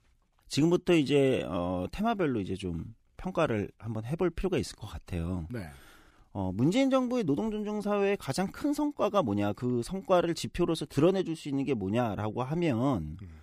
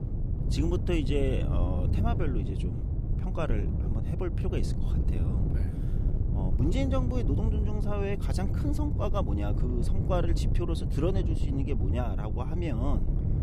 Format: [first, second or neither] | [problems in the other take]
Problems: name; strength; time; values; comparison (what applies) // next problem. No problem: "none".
first | wind noise on the microphone; heavy; 6 dB below the speech